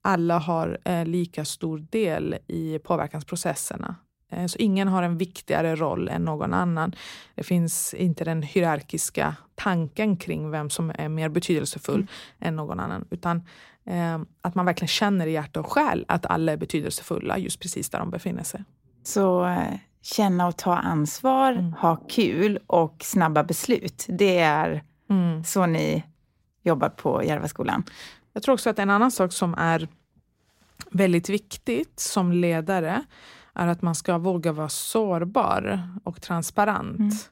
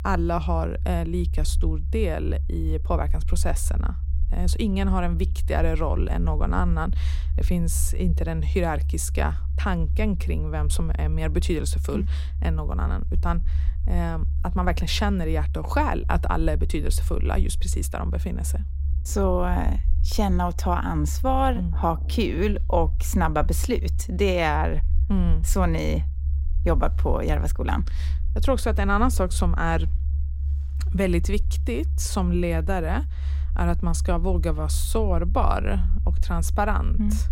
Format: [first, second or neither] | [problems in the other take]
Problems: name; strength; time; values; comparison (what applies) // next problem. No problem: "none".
first | low rumble; noticeable; throughout; 20 dB below the speech